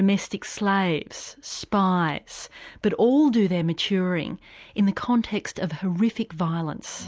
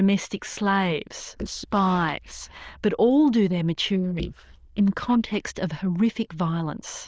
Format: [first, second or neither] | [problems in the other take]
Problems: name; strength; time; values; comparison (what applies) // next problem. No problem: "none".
first | noise reduction (neural diffusion model UNIVERSE++)